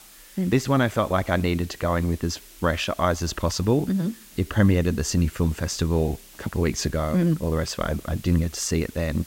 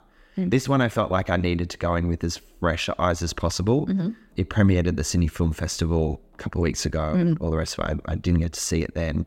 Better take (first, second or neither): second